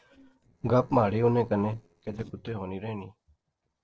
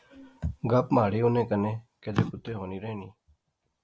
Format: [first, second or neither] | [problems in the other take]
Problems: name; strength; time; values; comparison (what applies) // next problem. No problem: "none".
second | noise reduction (neural separator model SepFormer DNS4)